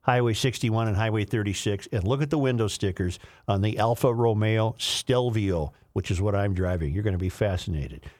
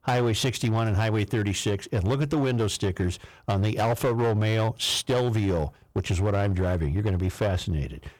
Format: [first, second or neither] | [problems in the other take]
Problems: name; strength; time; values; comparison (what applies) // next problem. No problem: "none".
first | distortion; slight; 13% of the sound clipped